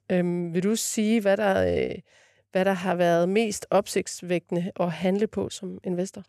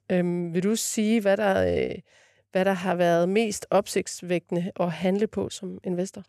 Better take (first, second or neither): neither